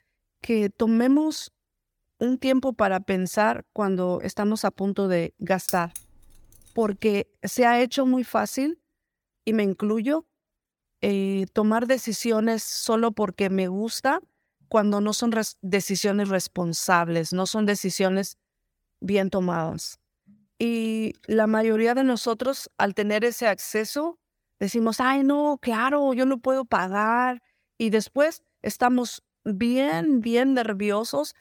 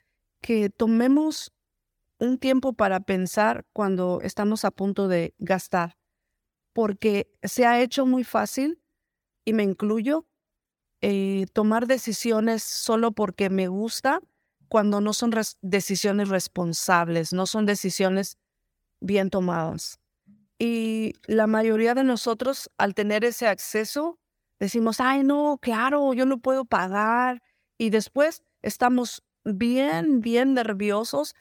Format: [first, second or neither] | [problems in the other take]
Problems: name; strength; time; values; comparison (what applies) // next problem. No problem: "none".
second | jangling keys; noticeable; at 5.5 s; peak 7 dB below the speech